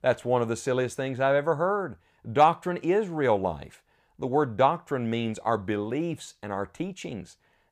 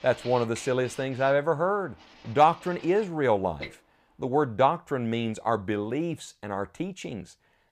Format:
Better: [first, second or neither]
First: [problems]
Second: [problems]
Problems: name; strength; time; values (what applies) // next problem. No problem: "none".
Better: first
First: none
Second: household noises; noticeable; throughout; 20 dB below the speech